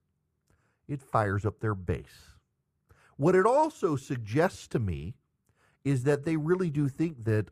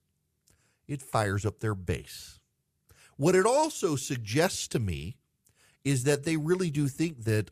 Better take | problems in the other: second | muffled; slightly; fading above 2 kHz

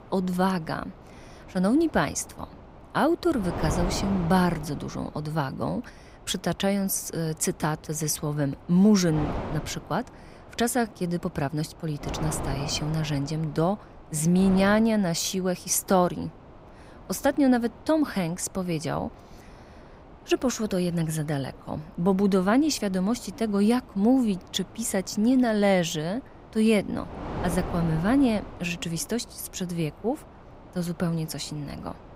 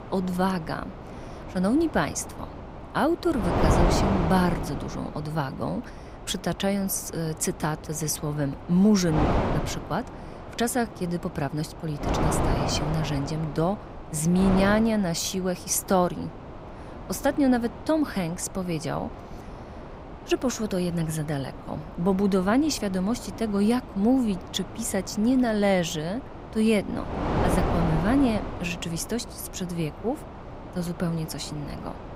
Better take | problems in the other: first | wind noise on the microphone; heavy; 6 dB below the speech; occasional gusts in the first

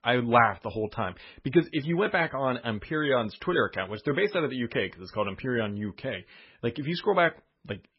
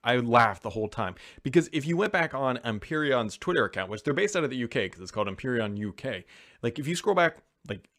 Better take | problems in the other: second | garbled, watery; badly; nothing above 5.5 kHz

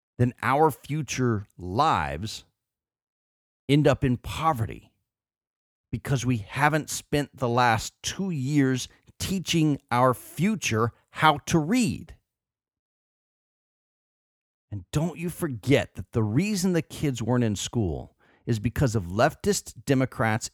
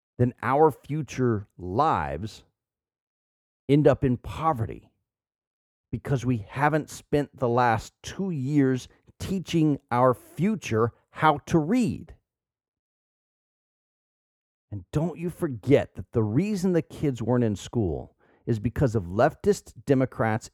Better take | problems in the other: first | muffled; slightly; fading above 2 kHz

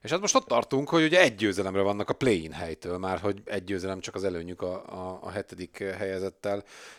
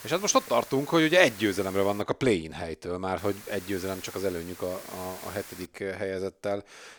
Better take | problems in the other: first | hiss; noticeable; until 2 s and from 3 to 5.5 s; 15 dB below the speech

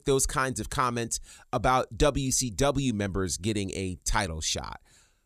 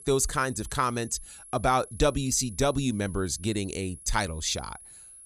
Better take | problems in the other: first | high-pitched whine; noticeable; throughout; 10.5 kHz, 20 dB below the speech

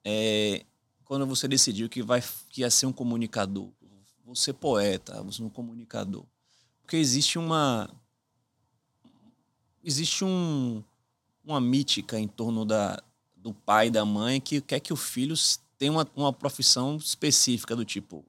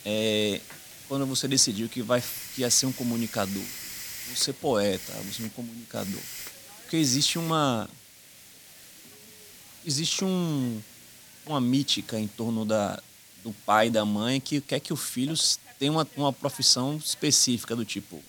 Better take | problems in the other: first | hiss; noticeable; throughout; 15 dB below the speech

